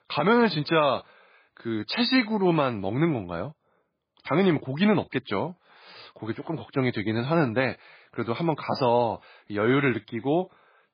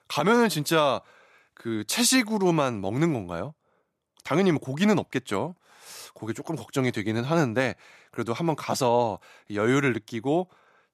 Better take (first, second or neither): second